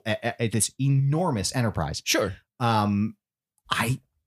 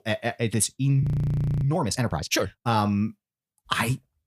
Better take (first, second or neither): first